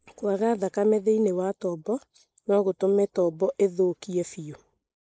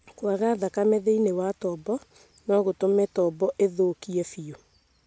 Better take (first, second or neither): second